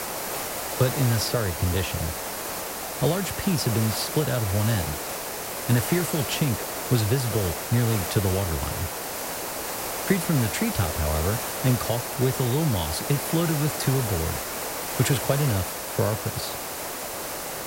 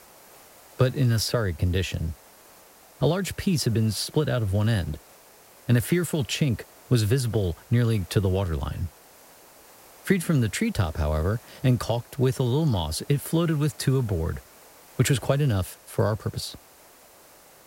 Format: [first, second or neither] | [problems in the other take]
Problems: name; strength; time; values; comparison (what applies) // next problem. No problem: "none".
second | hiss; loud; throughout; 3 dB below the speech; faint in the second